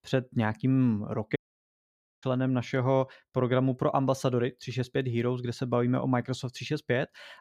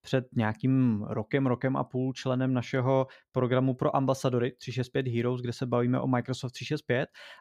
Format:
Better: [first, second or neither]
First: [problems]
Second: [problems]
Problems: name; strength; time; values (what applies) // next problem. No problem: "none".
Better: second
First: audio cutting out; at 1.5 s for 1 s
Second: none